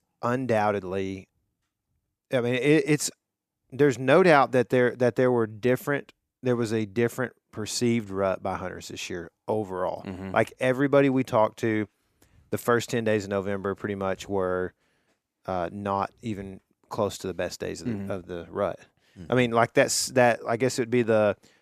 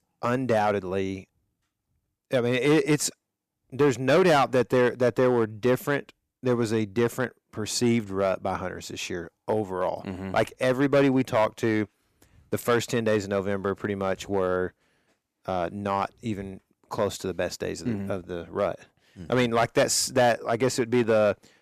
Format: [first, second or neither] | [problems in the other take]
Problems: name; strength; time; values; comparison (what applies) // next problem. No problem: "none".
first | distortion; slight; 3% of the sound clipped